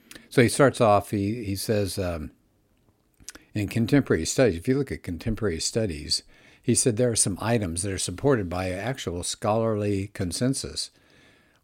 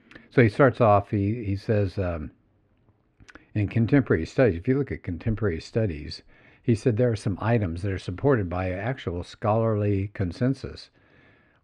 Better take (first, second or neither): first